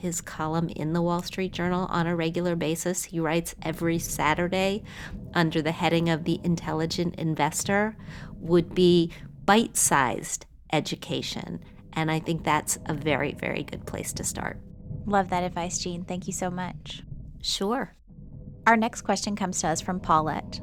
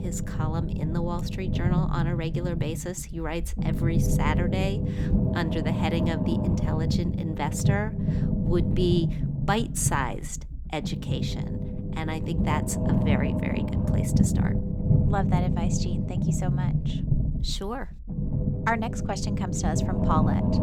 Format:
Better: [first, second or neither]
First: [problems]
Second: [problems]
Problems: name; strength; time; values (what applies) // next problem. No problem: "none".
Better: first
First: low rumble; faint; throughout; 25 dB below the speech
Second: low rumble; loud; throughout; 3 dB below the speech